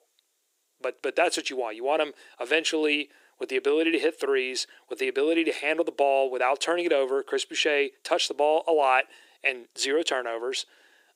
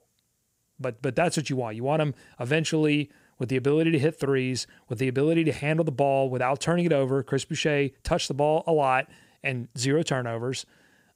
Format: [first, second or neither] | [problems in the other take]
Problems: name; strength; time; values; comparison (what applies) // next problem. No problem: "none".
second | thin; very; fading below 350 Hz